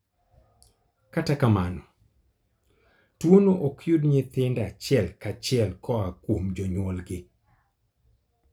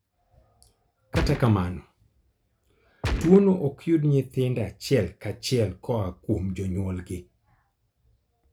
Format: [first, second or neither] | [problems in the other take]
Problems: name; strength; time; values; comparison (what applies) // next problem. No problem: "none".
first | background sound (Gunshot, gunfire); 3 dB below the speech